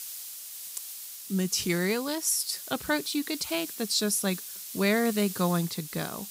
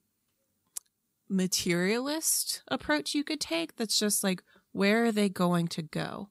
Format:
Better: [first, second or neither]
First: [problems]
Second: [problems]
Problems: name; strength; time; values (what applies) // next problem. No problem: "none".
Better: second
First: hiss; loud; throughout; 9 dB below the speech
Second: none